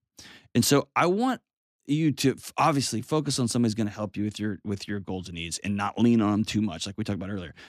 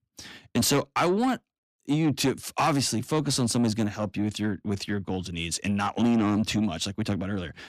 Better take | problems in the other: first | distortion; slight; 10 dB below the speech

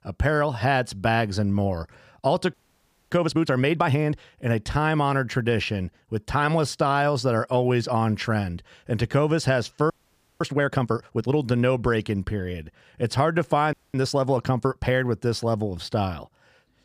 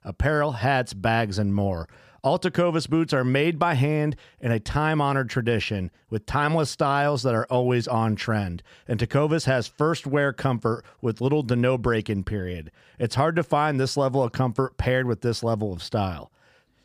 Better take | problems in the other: second | audio freezing; at 2.5 s for 0.5 s, at 10 s for 0.5 s and at 14 s

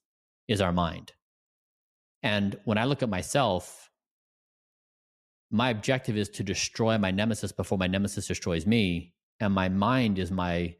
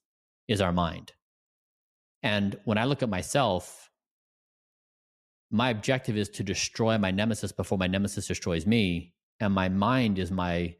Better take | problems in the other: neither | none

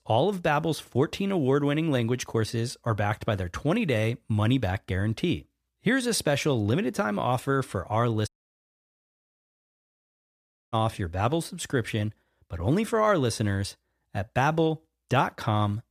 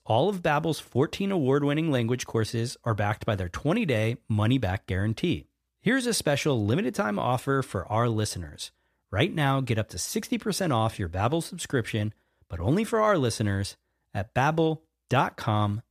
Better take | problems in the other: second | audio cutting out; at 8.5 s for 2.5 s

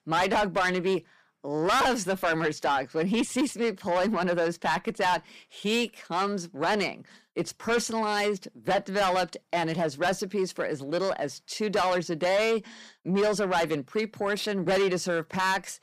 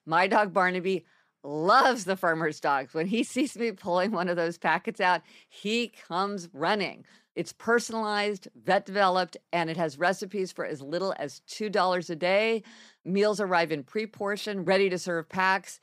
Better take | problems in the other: second | distortion; heavy; 7 dB below the speech

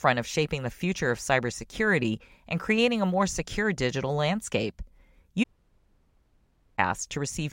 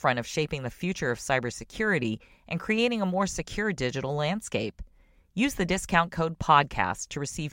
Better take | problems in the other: second | audio cutting out; at 5.5 s for 1.5 s

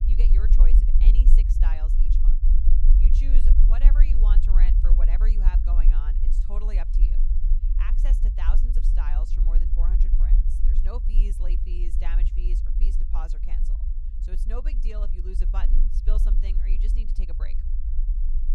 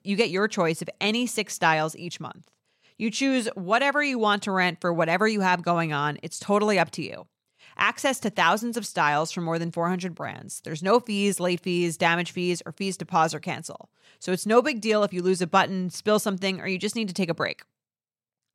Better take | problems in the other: second | low rumble; loud; throughout; 3 dB below the speech

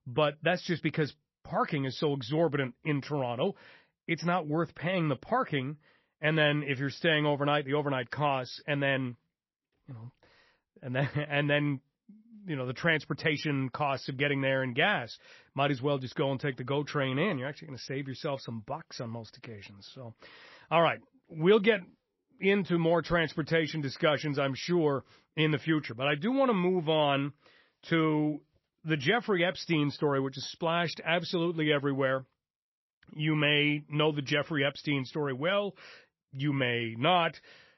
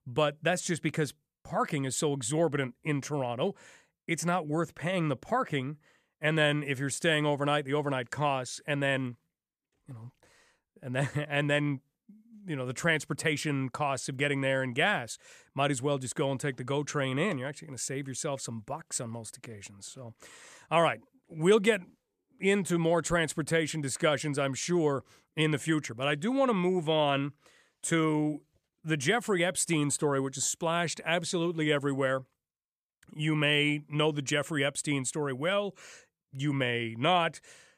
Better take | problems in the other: second | garbled, watery; slightly; nothing above 6 kHz

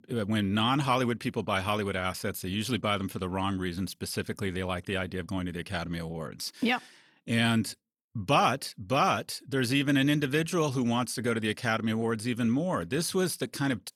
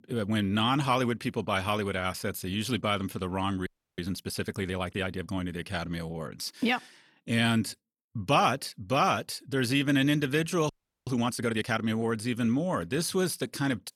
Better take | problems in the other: first | audio freezing; at 3.5 s and at 11 s

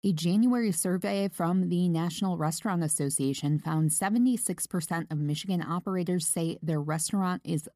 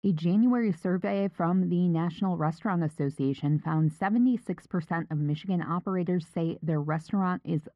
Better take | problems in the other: first | muffled; very; fading above 2 kHz

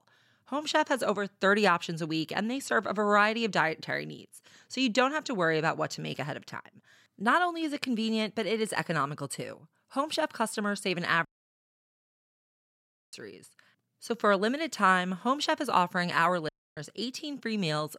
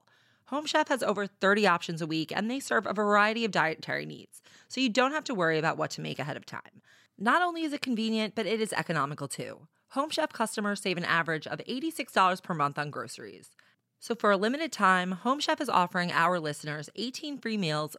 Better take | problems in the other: second | audio cutting out; at 11 s for 2 s and at 16 s

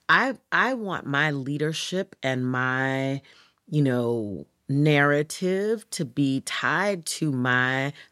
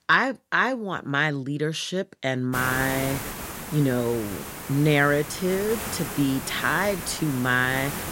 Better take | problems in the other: first | hiss; loud; from 2.5 s on; 8 dB below the speech

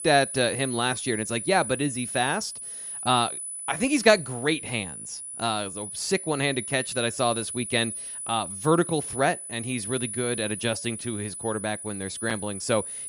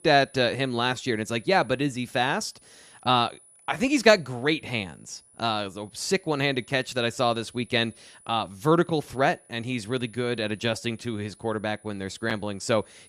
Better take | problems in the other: second | high-pitched whine; loud; throughout; 10 kHz, 6 dB below the speech; faint in the second

